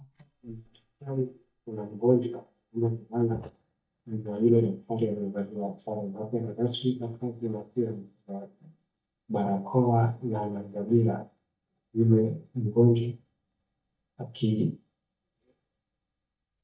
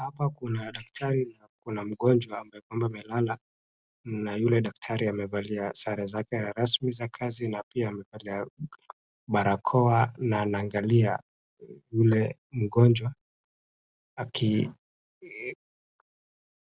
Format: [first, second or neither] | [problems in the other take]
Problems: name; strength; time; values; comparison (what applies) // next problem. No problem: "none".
second | noise reduction (neural mask model DeepFilterNet 3)